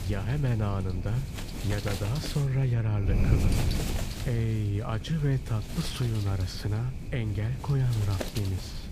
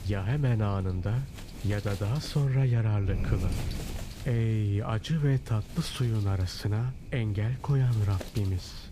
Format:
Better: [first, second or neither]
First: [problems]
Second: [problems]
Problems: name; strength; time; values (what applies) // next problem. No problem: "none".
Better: second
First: wind noise on the microphone; heavy; 3 dB below the speech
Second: wind noise on the microphone; occasional gusts; 10 dB below the speech